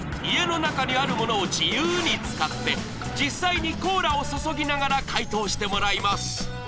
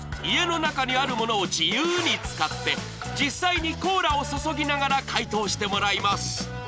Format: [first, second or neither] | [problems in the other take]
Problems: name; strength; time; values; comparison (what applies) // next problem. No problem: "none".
second | background sound (Truck); 8 dB below the speech